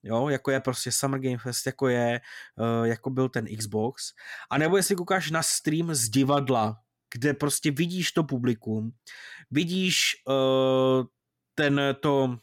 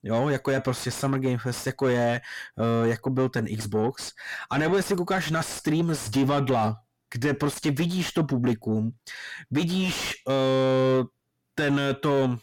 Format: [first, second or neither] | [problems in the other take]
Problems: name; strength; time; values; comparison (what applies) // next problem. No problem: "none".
first | distortion; heavy; 8 dB below the speech